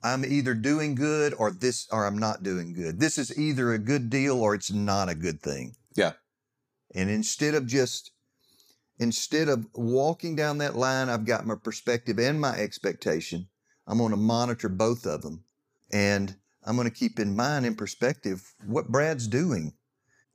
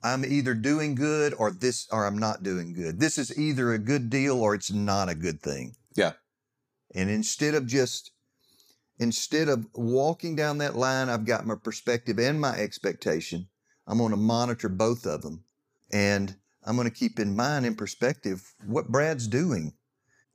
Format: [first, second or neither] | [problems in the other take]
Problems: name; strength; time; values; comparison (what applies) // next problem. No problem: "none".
neither | none